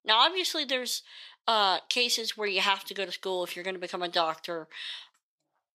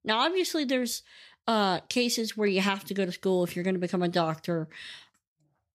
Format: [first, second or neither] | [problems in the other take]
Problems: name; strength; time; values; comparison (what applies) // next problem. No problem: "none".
second | thin; very; fading below 450 Hz